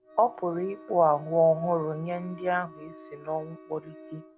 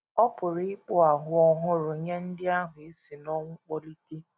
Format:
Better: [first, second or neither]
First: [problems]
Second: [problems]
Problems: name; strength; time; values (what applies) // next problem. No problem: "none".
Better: second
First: background sound (Organ + Wind instrument, woodwind instrument); 20 dB below the speech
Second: none